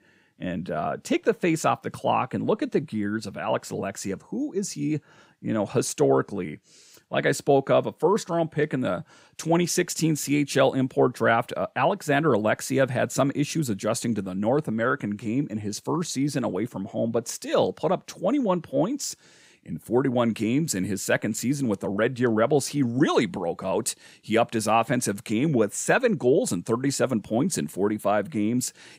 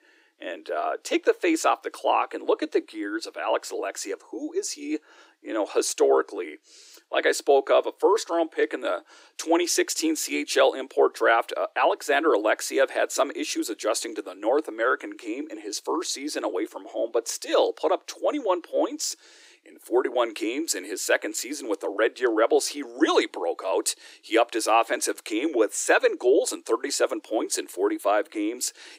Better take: first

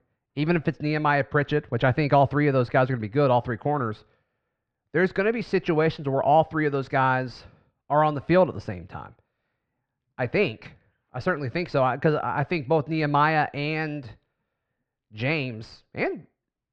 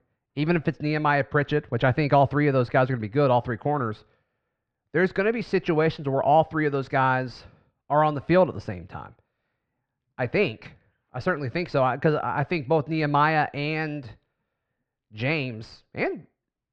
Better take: neither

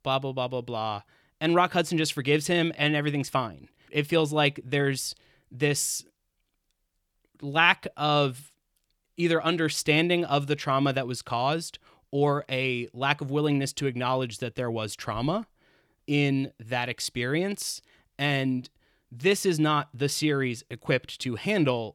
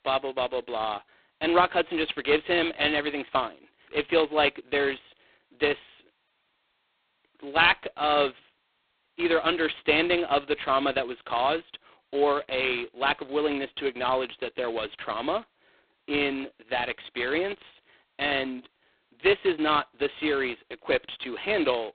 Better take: first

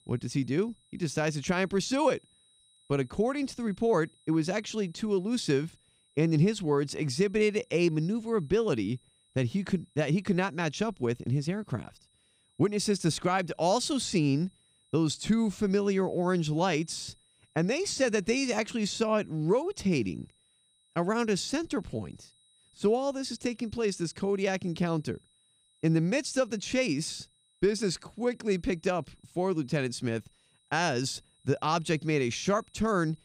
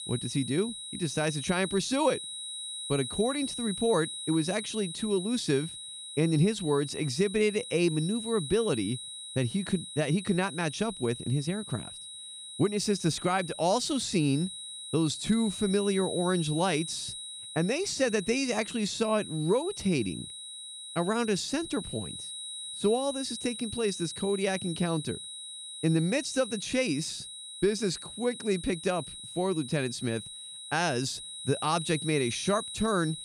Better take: first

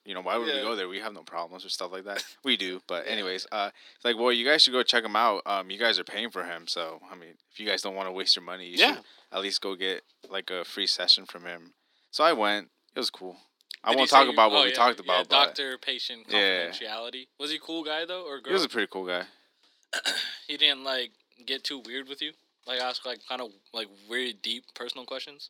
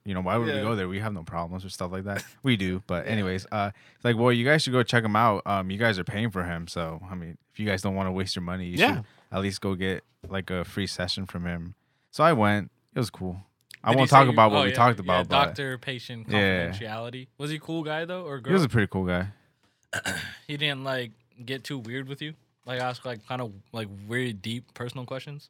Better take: second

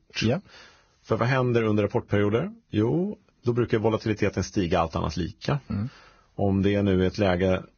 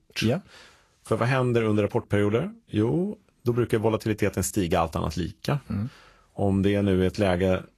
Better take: second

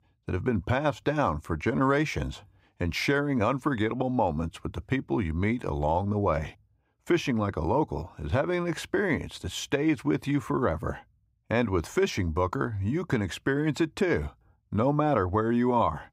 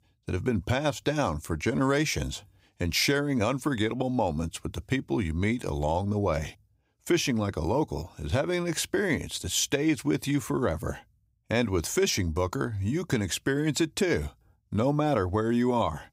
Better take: second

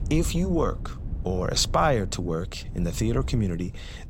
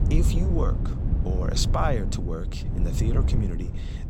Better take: first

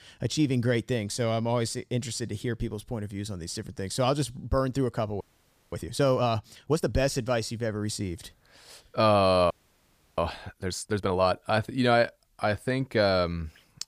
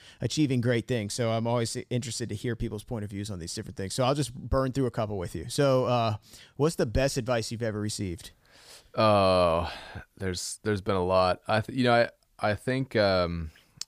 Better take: second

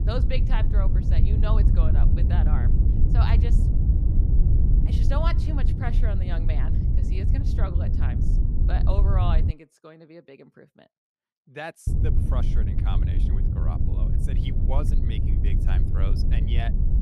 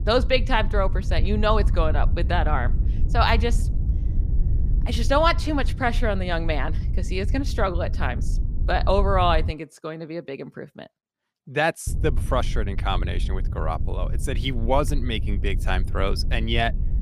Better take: second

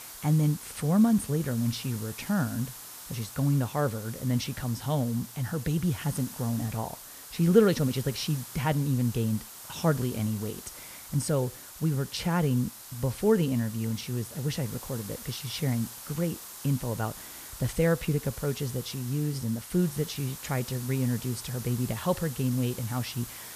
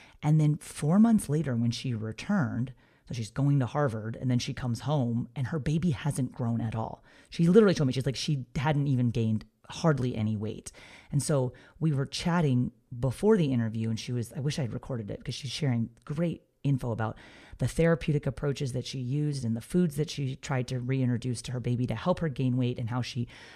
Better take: second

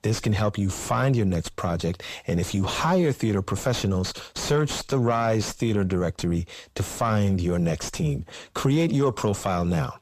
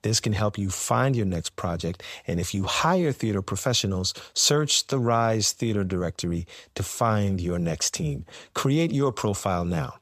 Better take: second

